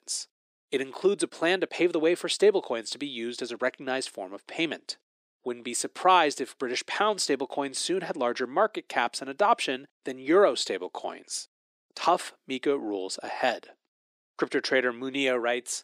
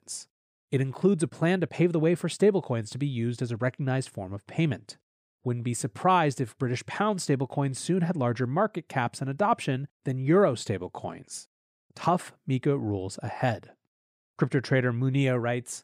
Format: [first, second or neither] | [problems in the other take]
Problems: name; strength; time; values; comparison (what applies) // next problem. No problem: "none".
second | thin; somewhat; fading below 300 Hz